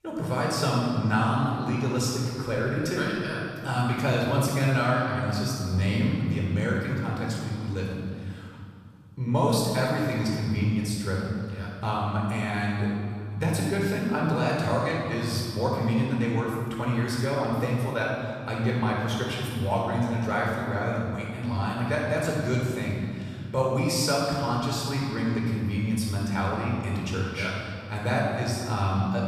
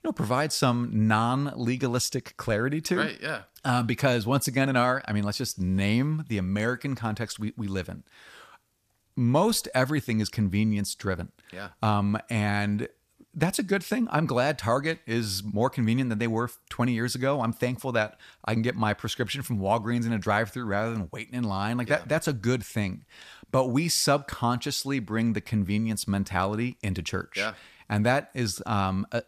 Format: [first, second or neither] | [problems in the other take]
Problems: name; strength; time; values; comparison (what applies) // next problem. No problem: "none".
second | off-mic speech; far // room echo; strong; dies away in 2.5 s